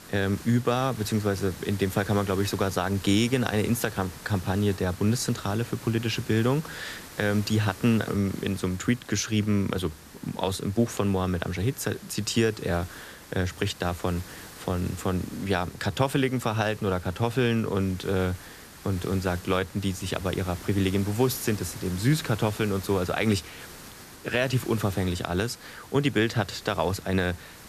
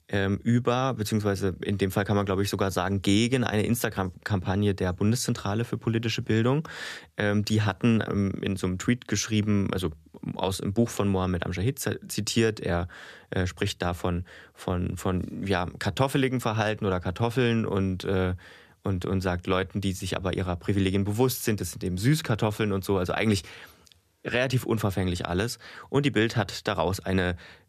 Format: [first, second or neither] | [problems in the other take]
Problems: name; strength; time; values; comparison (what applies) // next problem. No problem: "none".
second | hiss; noticeable; throughout; 15 dB below the speech